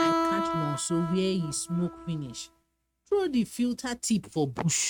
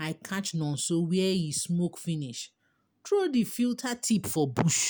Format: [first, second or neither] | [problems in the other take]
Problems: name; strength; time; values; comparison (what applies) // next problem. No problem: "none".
second | noise reduction (neural mask model RNNoise)